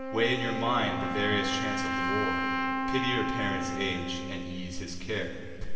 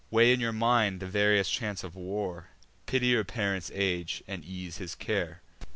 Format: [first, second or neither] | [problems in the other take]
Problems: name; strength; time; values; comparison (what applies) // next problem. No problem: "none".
second | background sound (Wind instrument, woodwind instrument); 1 dB below the speech // room echo; dies away in 2.5 s